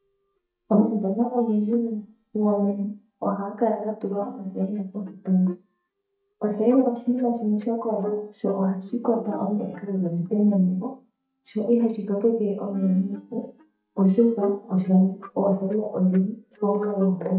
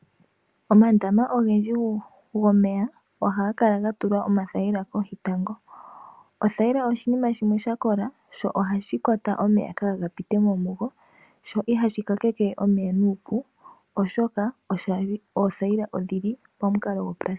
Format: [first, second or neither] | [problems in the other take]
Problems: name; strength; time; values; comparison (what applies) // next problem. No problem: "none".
second | noise reduction (neural mask model DeepFilterNet 3)